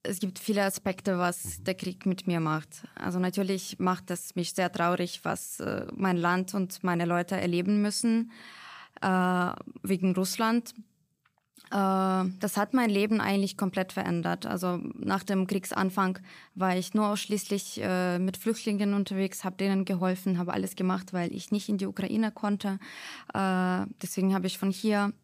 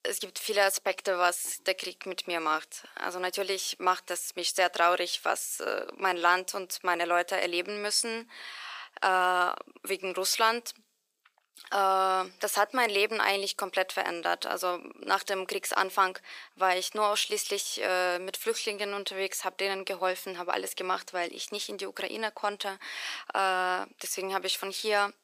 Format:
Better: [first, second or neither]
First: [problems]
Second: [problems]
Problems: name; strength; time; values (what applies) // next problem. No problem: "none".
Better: first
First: none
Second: thin; very; fading below 400 Hz